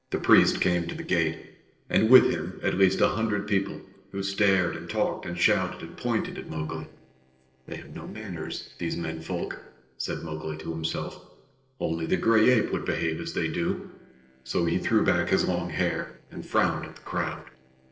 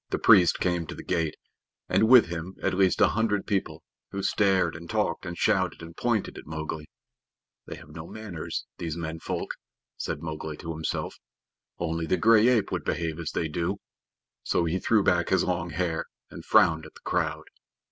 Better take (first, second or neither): second